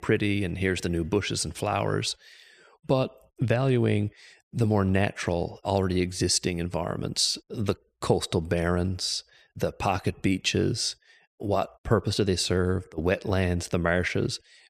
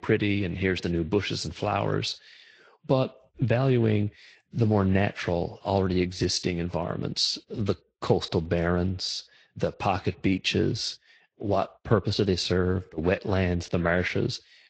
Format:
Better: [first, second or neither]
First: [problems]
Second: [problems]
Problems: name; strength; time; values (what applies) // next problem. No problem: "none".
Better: first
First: none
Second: garbled, watery; slightly; nothing above 7.5 kHz